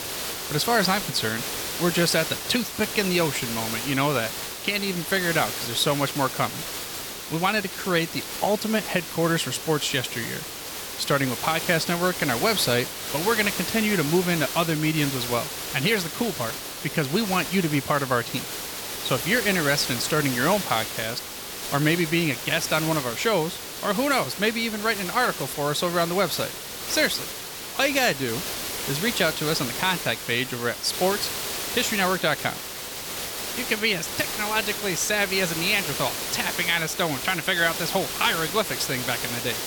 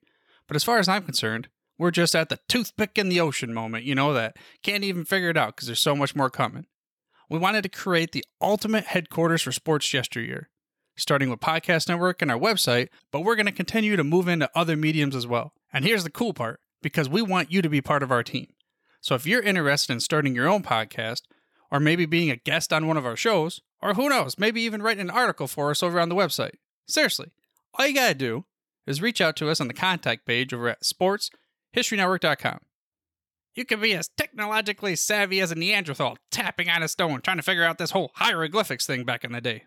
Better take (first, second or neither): second